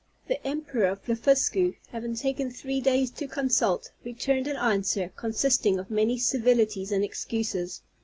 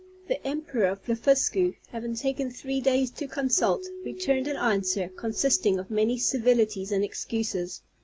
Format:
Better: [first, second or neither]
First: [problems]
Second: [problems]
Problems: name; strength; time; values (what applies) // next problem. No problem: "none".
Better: first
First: none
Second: background sound (Keyboard (musical)); 19 dB below the speech